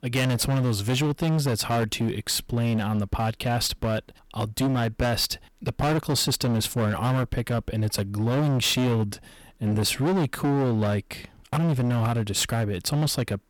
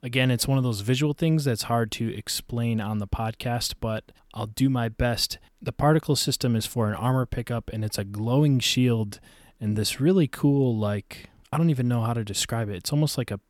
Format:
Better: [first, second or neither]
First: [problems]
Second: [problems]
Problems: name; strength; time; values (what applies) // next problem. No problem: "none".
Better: second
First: distortion; heavy; 22% of the sound clipped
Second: none